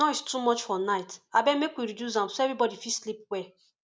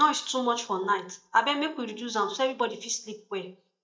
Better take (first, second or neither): first